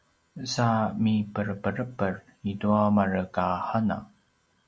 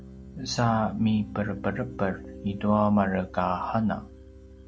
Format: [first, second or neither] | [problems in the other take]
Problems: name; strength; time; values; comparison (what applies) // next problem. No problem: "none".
first | background sound (Piano); 15 dB below the speech